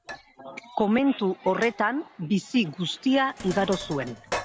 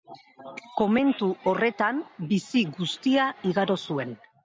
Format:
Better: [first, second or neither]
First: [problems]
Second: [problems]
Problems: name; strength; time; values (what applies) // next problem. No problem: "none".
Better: second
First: background sound (Sink (filling or washing)); 15 dB below the speech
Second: none